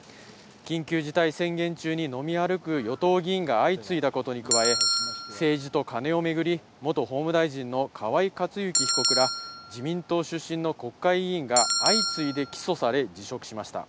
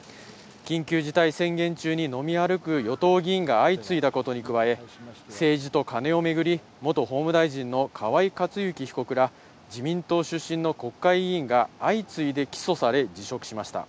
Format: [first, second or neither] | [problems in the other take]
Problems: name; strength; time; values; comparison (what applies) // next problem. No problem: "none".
second | background sound (Bell); 1 dB below the speech